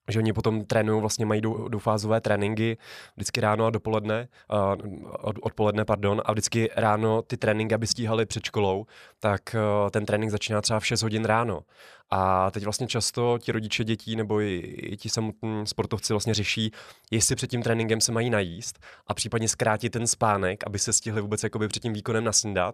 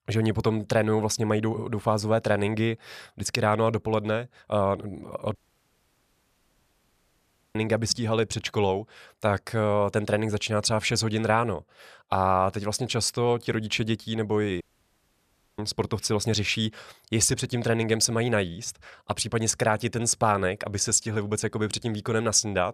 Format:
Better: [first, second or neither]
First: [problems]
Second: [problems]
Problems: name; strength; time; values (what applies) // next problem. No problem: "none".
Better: first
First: none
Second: audio cutting out; at 5.5 s for 2 s and at 15 s for 1 s